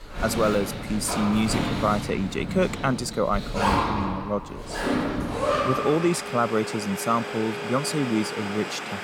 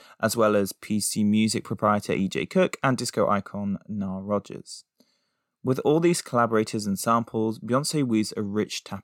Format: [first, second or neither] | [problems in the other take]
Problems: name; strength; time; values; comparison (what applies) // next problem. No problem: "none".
second | household noises; loud; throughout; 3 dB below the speech